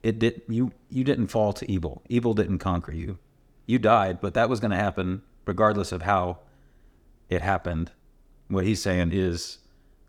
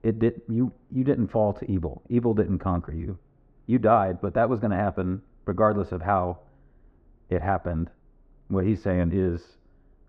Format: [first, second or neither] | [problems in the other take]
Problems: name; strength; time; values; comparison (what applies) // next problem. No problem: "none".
first | muffled; very; fading above 4 kHz